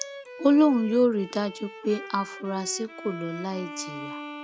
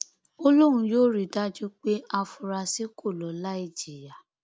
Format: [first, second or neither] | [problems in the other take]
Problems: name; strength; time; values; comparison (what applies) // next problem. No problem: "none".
second | background sound (Bowed string instrument); 14 dB below the speech